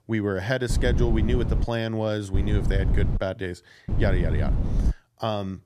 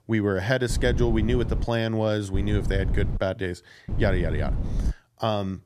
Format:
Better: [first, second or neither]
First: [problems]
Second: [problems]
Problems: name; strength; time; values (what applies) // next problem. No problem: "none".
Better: second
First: wind noise on the microphone; heavy; at 0.5 s, at 2.5 s and from 4 to 5 s; 9 dB below the speech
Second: wind noise on the microphone; occasional gusts; at 0.5 s, at 2.5 s and from 4 to 5 s; 15 dB below the speech